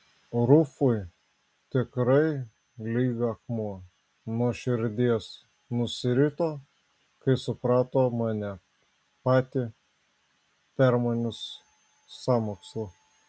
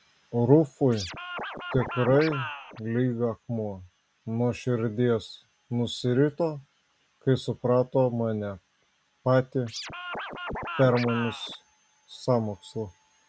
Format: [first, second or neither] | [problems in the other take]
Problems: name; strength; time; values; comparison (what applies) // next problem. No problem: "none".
first | background sound (Scratching (performance technique)); 8 dB below the speech